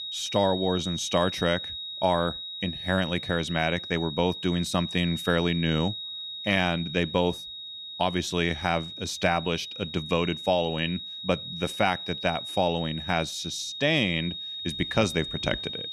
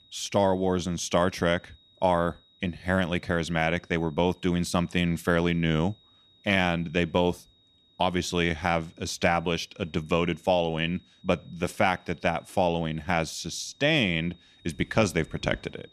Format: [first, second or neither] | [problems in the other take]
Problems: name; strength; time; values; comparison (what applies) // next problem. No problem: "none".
second | high-pitched whine; loud; throughout; 4 kHz, 7 dB below the speech; faint in the second